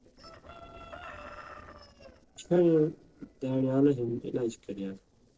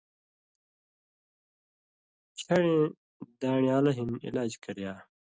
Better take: second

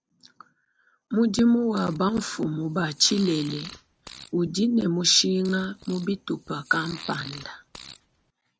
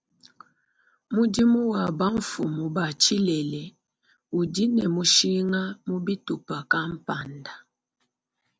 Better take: second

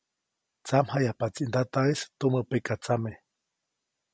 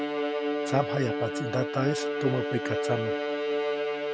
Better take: first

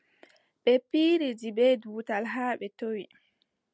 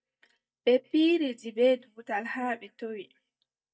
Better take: first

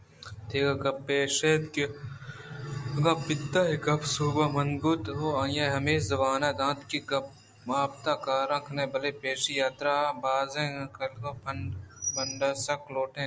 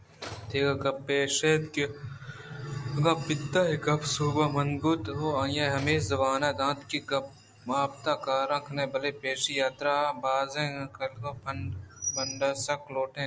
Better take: first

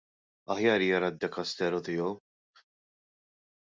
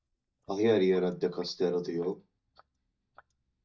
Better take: first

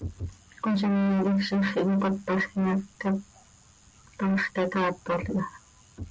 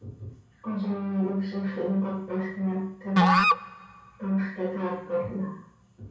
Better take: first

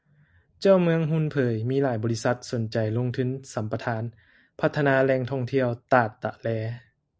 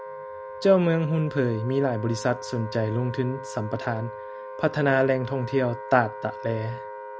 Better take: first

